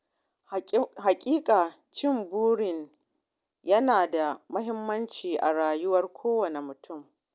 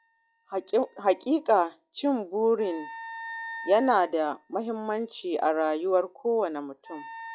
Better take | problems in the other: first | noise reduction (classical method log-MMSE)

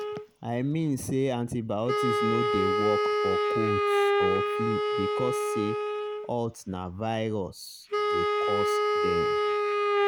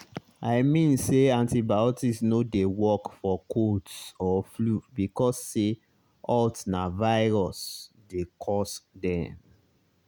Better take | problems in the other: second | background sound (Wind instrument, woodwind instrument); 4 dB above the speech

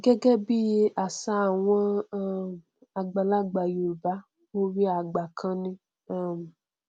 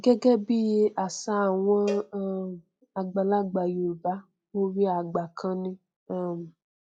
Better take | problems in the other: first | noise reduction (classical method log-MMSE)

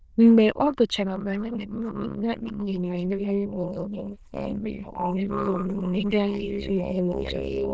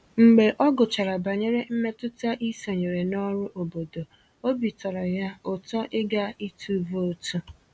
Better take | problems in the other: second | noise reduction (neural diffusion model UNIVERSE++)

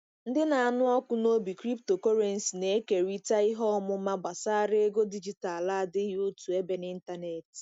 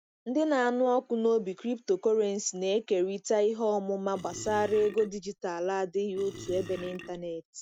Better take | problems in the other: first | background sound (Burping, eructation); 16 dB below the speech

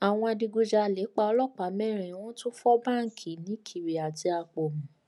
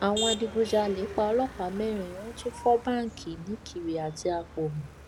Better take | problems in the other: first | background sound (Motor vehicle (road)); 11 dB below the speech

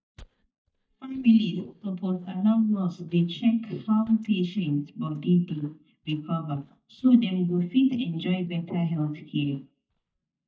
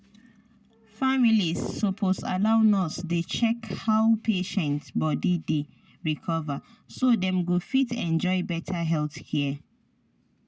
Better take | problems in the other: second | noise reduction (neural mask model DeepFilterNet 3)

